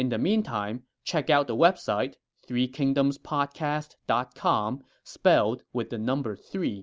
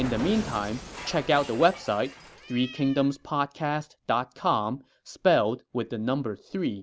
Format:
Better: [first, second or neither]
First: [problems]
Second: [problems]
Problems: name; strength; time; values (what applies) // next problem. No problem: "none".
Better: first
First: none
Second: background sound (Cat); 16 dB below the speech